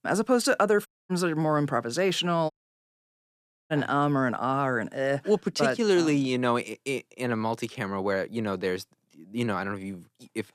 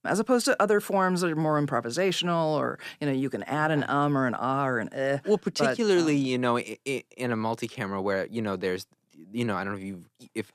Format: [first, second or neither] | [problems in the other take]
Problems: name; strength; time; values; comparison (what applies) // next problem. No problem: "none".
second | audio cutting out; at 1 s and at 2.5 s for 1 s